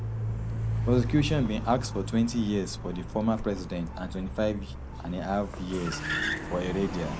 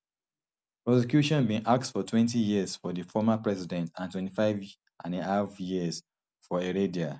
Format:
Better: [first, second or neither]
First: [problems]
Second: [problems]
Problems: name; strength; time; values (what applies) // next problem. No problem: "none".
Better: second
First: background sound (Car); 4 dB below the speech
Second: none